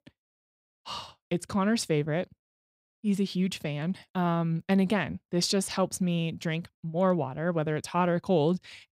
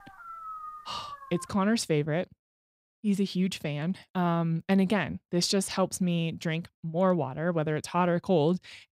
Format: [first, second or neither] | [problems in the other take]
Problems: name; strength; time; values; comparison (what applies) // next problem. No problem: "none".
first | dog barking; faint; until 1.5 s; peak 10 dB below the speech